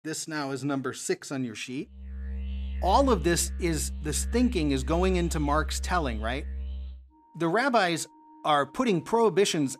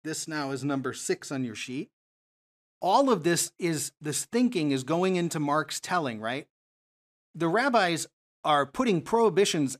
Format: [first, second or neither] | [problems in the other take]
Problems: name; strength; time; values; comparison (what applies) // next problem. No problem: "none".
second | background music; loud; from 2 s on; 8 dB below the speech